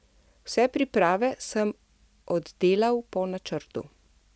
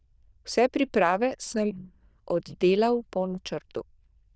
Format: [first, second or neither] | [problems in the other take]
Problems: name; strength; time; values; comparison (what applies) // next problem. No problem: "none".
first | noise reduction (neural diffusion model UNIVERSE++)